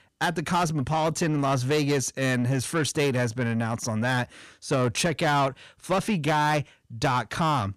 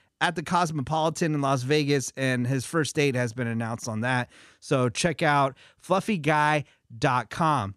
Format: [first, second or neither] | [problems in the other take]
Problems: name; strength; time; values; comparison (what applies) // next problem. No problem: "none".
second | distortion; slight; 10 dB below the speech